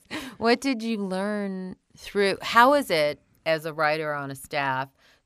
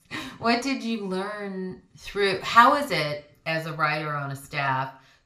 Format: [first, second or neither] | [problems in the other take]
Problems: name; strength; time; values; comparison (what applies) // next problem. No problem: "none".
first | room echo; very slight; dies away in 0.4 s // off-mic speech; somewhat distant